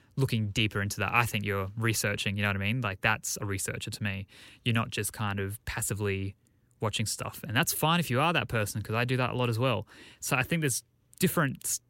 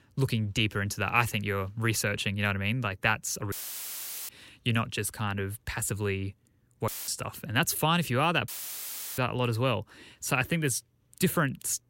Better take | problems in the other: first | audio cutting out; filled with static; at 3.5 s for 1 s, at 7 s and at 8.5 s for 0.5 s

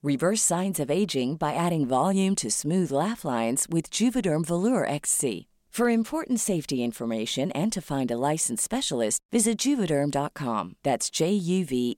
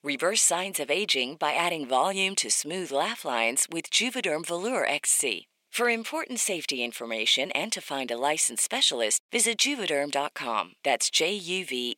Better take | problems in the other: first | thin; somewhat; fading below 450 Hz

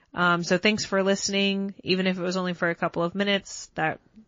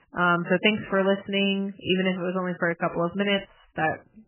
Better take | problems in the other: first | garbled, watery; badly; nothing above 3 kHz; slightly in the first

